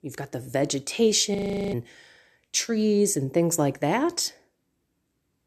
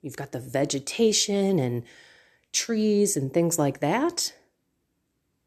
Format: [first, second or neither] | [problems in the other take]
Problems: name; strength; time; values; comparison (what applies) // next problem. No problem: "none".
second | audio freezing; at 1.5 s